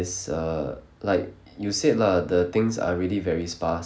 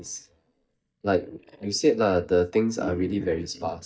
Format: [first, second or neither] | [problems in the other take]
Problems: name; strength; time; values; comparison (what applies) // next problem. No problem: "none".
first | noise reduction (neural mask model DeepFilterNet 3)